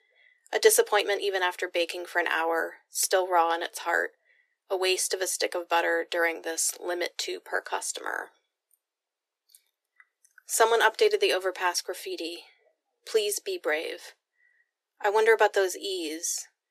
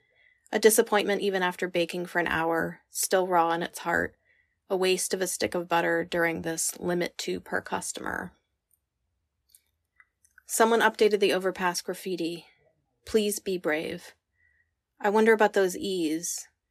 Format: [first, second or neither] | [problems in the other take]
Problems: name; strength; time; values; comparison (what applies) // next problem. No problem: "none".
second | thin; very; fading below 350 Hz